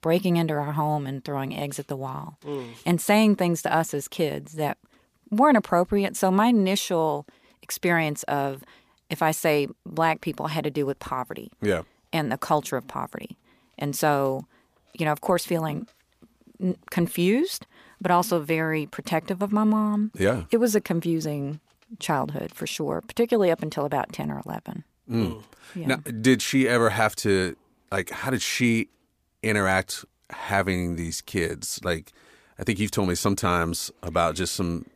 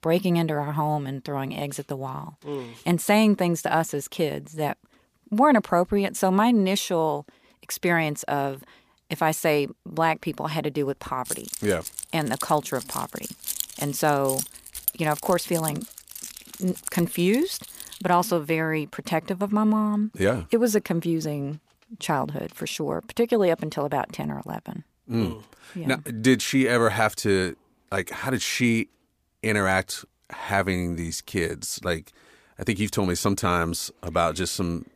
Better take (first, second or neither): first